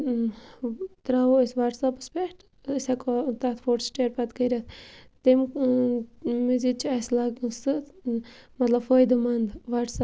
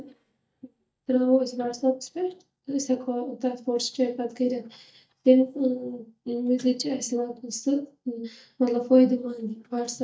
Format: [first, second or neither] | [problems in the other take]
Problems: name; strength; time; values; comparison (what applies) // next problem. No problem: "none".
first | noise reduction (neural mask model DeepFilterNet 3)